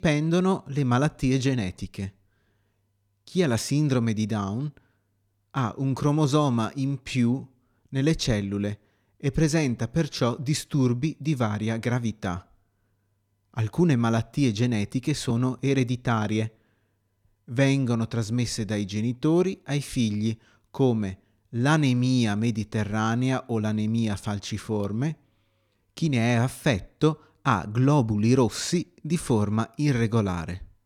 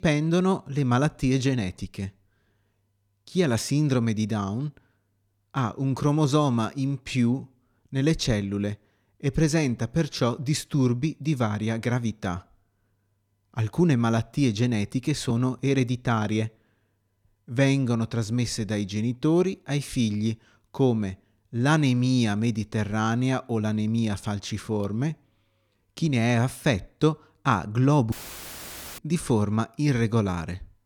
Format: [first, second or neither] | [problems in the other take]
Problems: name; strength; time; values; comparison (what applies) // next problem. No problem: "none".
first | audio cutting out; filled with static; at 28 s for 1 s